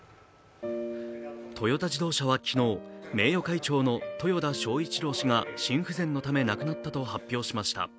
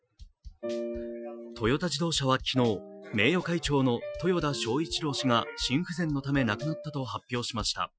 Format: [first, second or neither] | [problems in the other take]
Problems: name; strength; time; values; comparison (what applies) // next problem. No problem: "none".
first | noise reduction (classical method Wiener filter)